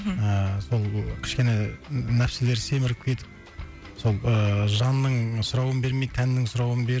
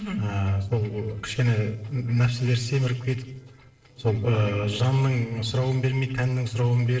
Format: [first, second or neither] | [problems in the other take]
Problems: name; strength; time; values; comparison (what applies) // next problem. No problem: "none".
first | noise reduction (neural separator model SepFormer DNS4)